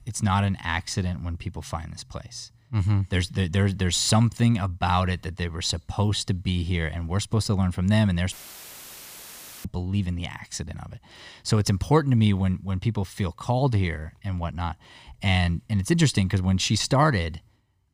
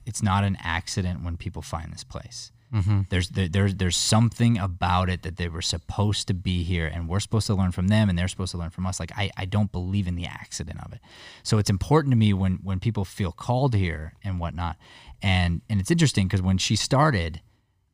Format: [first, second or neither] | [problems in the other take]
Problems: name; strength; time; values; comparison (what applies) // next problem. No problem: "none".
second | audio cutting out; filled with static; at 8.5 s for 1.5 s